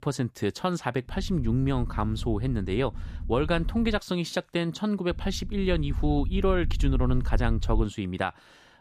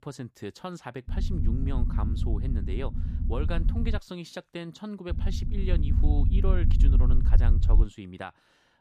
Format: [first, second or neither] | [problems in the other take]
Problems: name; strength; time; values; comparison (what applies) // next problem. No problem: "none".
first | low rumble; loud; from 1 to 4 s and from 5 to 8 s; 5 dB below the speech; faint in the first